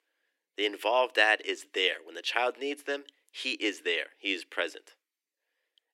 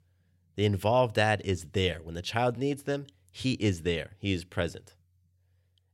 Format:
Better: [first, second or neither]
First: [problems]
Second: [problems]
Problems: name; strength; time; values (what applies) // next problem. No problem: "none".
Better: second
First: thin; very; fading below 300 Hz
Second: none